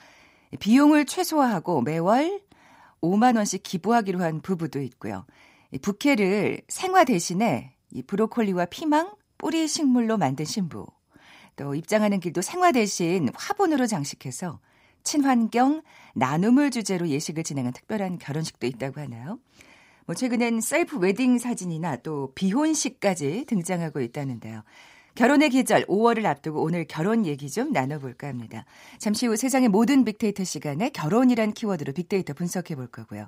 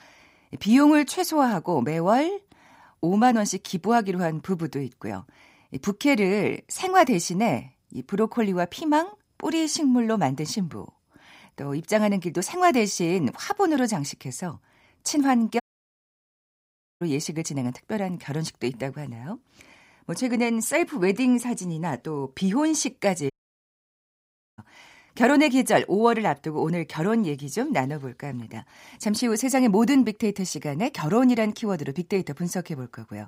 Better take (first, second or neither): first